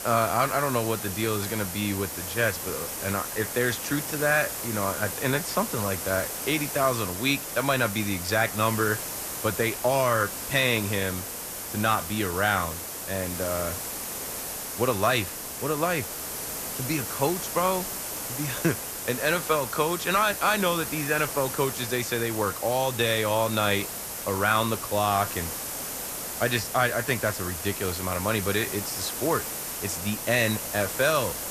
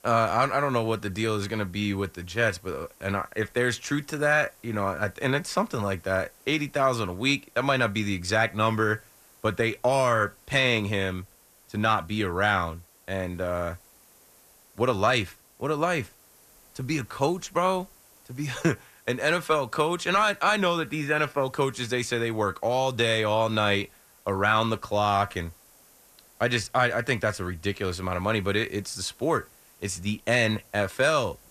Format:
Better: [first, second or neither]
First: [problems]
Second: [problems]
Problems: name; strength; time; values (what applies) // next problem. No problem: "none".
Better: second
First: hiss; loud; throughout; 5 dB below the speech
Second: hiss; faint; throughout; 30 dB below the speech